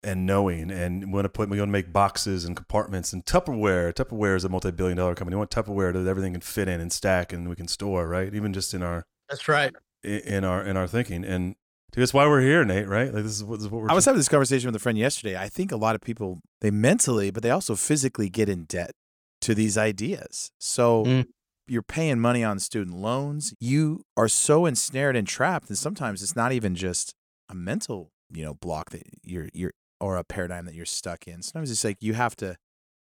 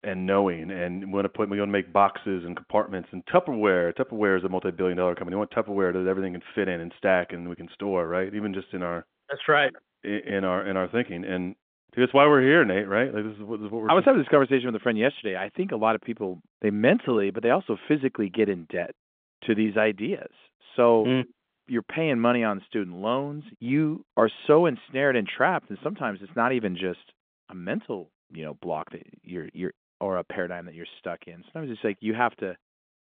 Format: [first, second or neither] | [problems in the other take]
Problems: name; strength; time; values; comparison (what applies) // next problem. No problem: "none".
first | phone-call audio; nothing above 3.5 kHz